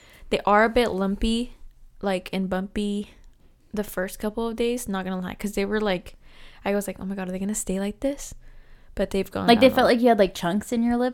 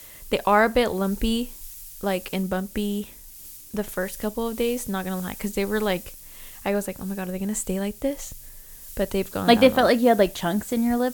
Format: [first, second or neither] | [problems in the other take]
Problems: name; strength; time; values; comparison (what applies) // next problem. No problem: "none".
first | hiss; noticeable; throughout; 15 dB below the speech